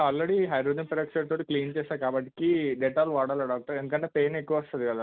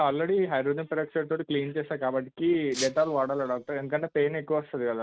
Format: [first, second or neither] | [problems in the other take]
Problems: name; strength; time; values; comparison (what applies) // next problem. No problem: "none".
first | noise reduction (neural mask model RNNoise)